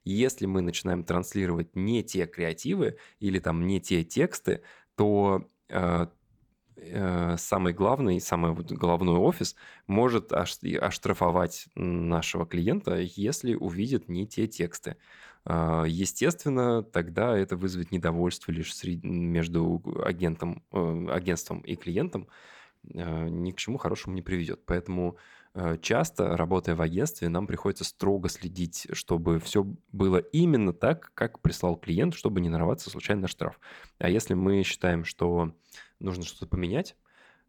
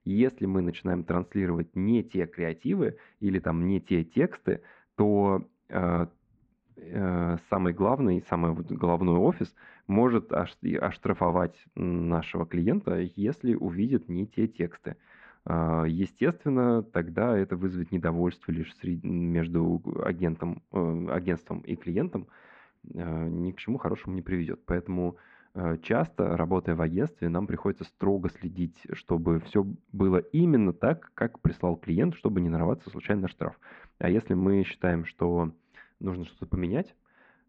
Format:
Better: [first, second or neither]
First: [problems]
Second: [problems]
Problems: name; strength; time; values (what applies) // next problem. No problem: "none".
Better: first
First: none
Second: muffled; very; fading above 2.5 kHz